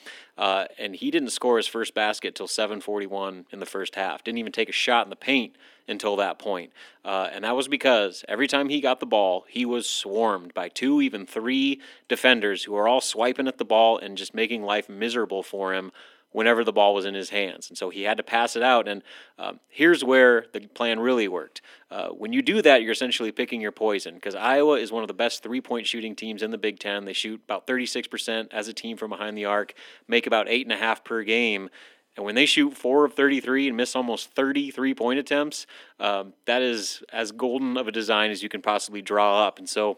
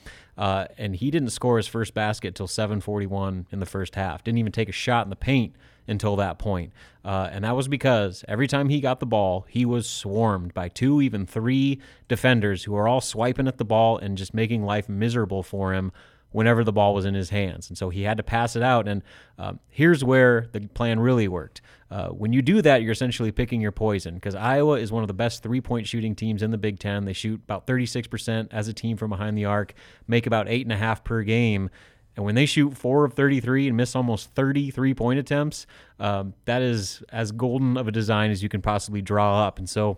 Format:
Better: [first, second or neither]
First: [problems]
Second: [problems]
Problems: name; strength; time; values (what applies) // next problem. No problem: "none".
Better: second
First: thin; very slightly; fading below 250 Hz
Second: none